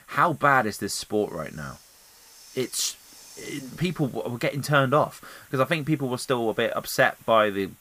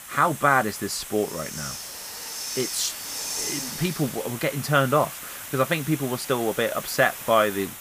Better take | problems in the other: first | hiss; loud; throughout; 8 dB below the speech; faint in the first

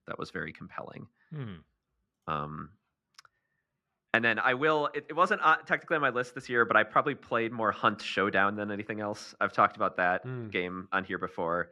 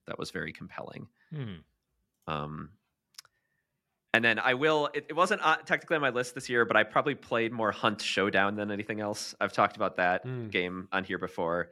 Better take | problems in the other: second | muffled; slightly; fading above 3 kHz

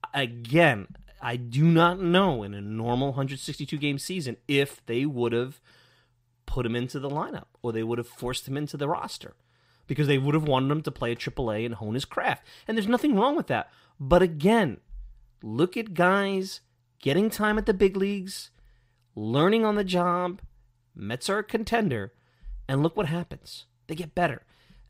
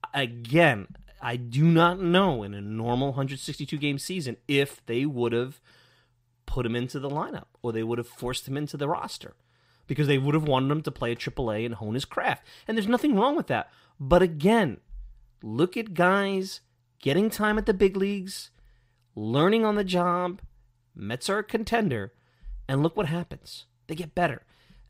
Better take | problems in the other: neither | none

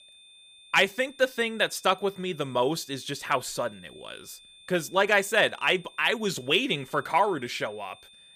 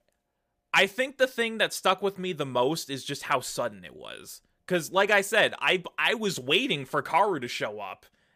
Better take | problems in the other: second | high-pitched whine; faint; throughout; 3.5 kHz, 25 dB below the speech

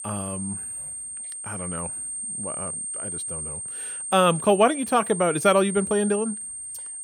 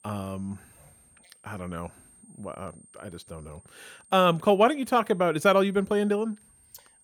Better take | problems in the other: second | high-pitched whine; loud; throughout; 8.5 kHz, 8 dB below the speech; faint in the second

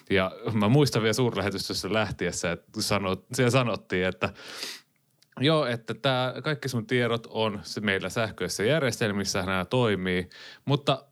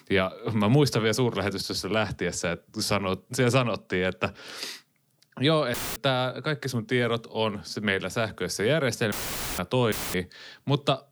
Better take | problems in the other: first | audio cutting out; filled with static; at 5.5 s, at 9 s and at 10 s

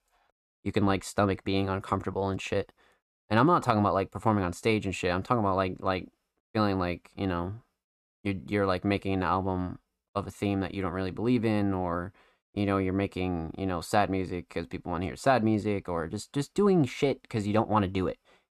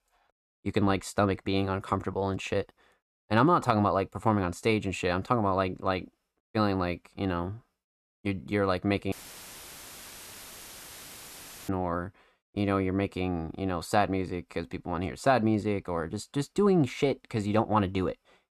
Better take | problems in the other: first | audio cutting out; filled with static; at 9 s for 2.5 s

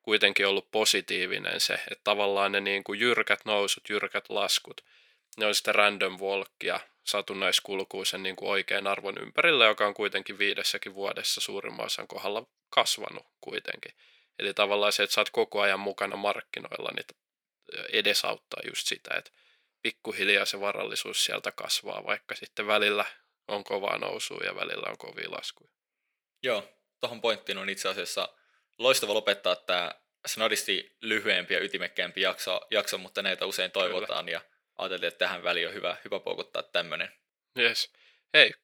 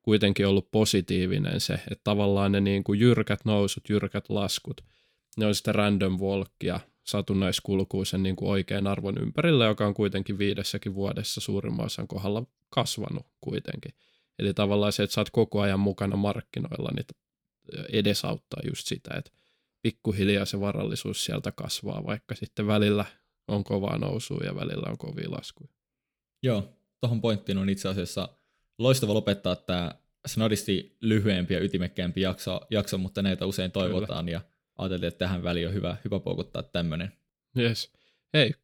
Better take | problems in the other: second | thin; very; fading below 650 Hz

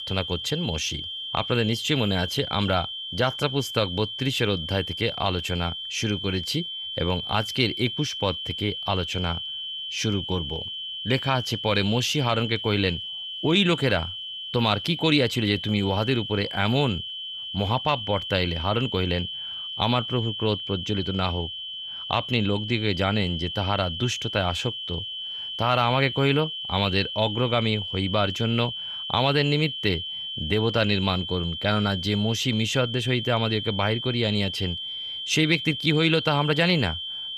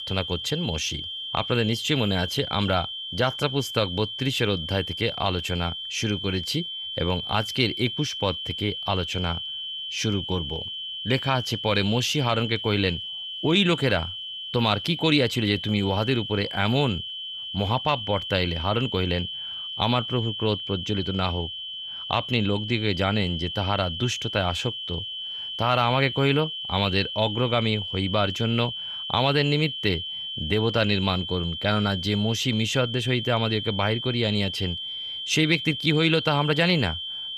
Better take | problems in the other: neither | high-pitched whine; loud; throughout; 3 kHz, 6 dB below the speech; the same in both

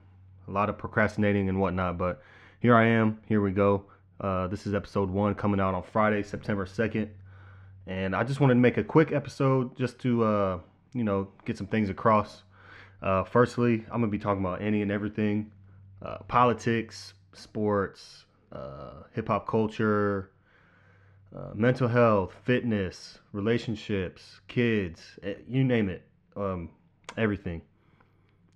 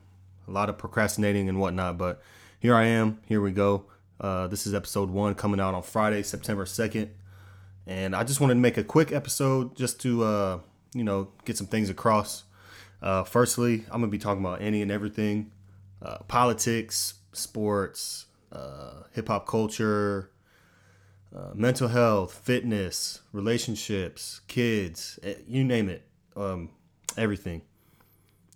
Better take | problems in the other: second | muffled; slightly; fading above 2.5 kHz

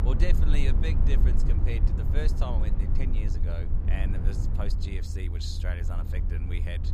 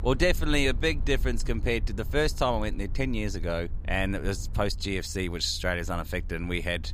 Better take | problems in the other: second | low rumble; loud; throughout; 3 dB below the speech; faint in the second

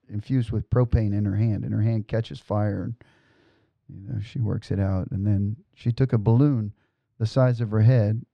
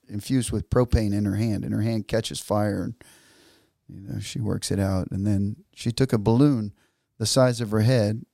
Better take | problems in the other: second | muffled; slightly; fading above 2.5 kHz

